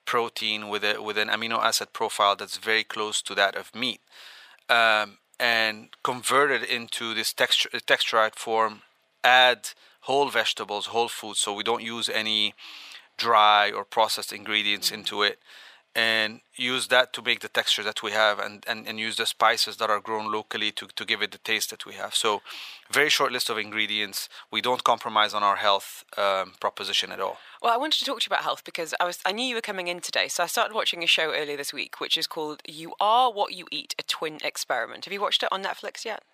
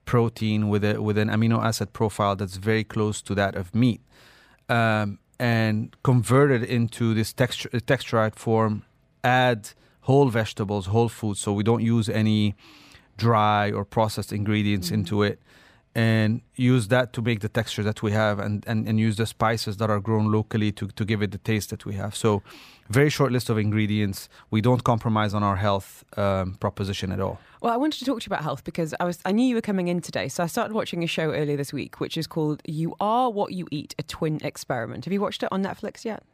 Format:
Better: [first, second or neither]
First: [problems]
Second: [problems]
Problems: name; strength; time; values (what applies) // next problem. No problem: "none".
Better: second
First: thin; very; fading below 750 Hz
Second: none